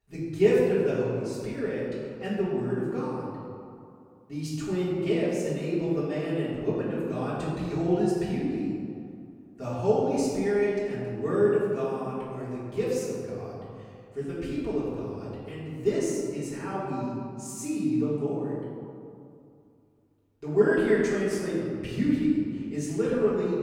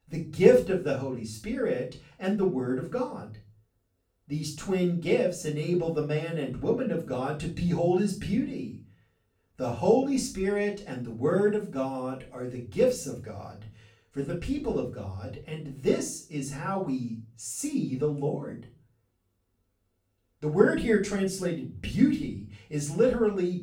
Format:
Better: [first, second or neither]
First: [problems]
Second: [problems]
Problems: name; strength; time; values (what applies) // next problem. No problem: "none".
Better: second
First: room echo; strong; dies away in 2 s // off-mic speech; far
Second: room echo; slight; dies away in 0.3 s // off-mic speech; far